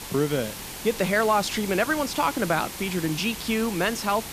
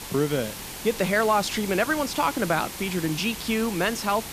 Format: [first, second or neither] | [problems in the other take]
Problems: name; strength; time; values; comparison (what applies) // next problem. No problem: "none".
neither | hiss; loud; throughout; 9 dB below the speech; the same in both